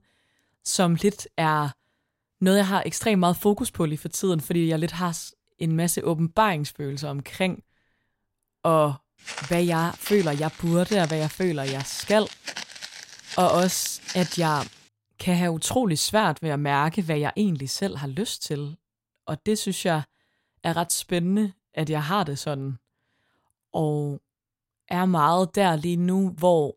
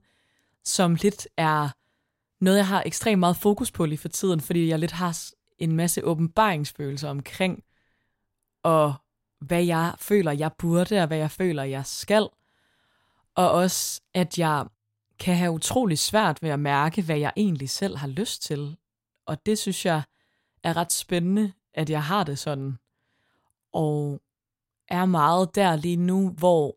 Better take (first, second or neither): second